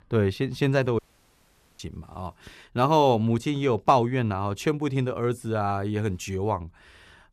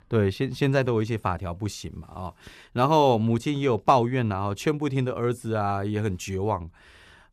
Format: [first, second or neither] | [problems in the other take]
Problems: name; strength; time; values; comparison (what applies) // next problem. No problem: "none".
second | audio cutting out; at 1 s for 1 s